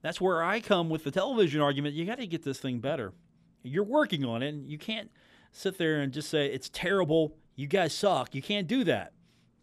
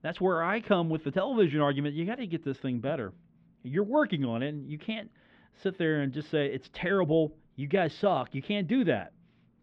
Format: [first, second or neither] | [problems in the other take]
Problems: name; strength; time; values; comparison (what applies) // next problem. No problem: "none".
first | muffled; slightly; fading above 3 kHz